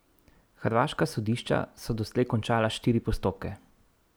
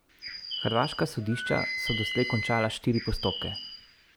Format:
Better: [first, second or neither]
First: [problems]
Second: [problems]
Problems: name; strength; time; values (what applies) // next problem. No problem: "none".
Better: first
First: none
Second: background sound (Bird + Wind instrument, woodwind instrument); 5 dB below the speech